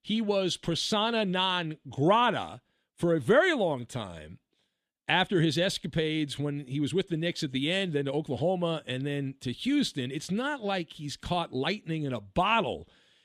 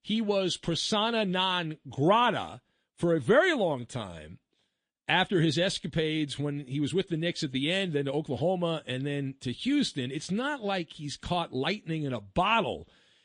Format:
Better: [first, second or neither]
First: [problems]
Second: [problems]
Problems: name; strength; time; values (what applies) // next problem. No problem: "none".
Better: first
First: none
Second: garbled, watery; slightly; nothing above 9.5 kHz